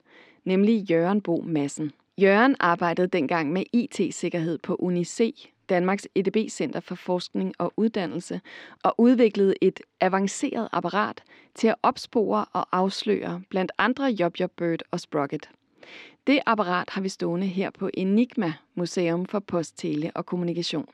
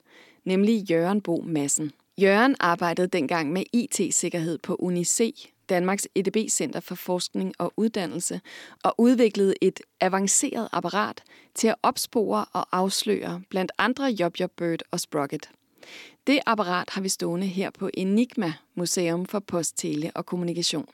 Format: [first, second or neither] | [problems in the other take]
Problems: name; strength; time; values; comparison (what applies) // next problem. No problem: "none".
second | muffled; slightly; fading above 3.5 kHz